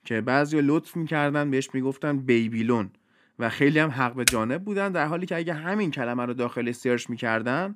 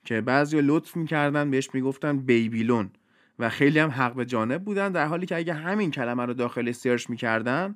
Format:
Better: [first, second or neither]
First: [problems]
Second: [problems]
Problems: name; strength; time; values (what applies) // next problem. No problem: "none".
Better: second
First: keyboard typing; very faint; at 4.5 s; peak 1 dB above the speech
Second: none